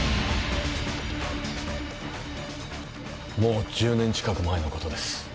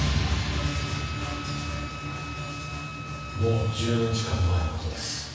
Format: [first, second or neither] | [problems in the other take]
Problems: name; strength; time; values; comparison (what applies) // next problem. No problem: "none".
first | background sound (Wind instrument, woodwind instrument); 14 dB below the speech // room echo; dies away in 1.1 s